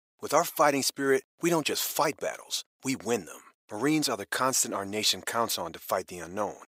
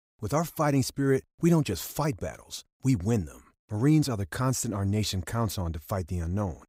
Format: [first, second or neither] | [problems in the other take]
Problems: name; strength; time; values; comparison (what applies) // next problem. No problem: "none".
second | thin; somewhat; fading below 450 Hz